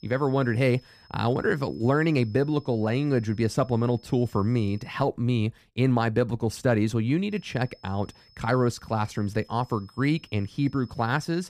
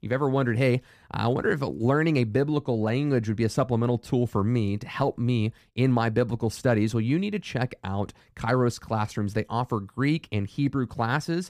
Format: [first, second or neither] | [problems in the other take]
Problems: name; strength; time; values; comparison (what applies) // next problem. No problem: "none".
second | high-pitched whine; faint; until 5 s and from 7.5 s on; 5 kHz, 30 dB below the speech